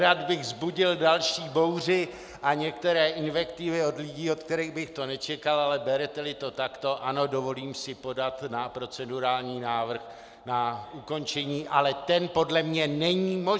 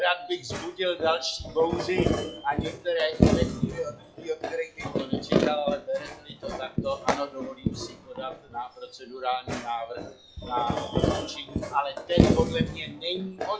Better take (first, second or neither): first